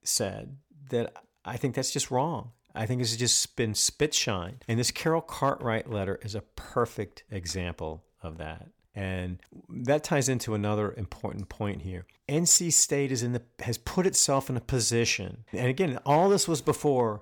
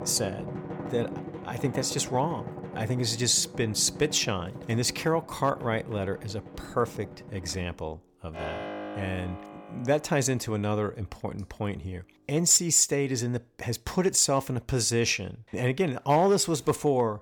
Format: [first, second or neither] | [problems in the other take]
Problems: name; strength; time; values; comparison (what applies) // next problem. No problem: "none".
first | background music; noticeable; throughout; 15 dB below the speech